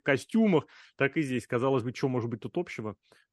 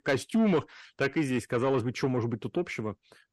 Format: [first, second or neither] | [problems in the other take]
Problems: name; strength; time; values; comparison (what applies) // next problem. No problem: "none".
first | distortion; slight; 10 dB below the speech